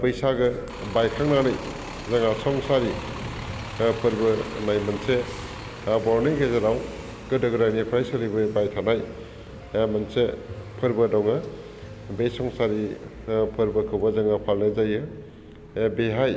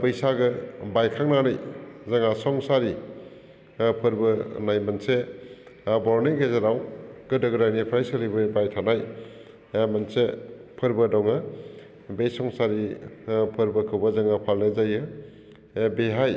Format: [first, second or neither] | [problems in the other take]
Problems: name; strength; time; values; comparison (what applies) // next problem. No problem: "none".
second | background sound (Piano + Bus); 13 dB below the speech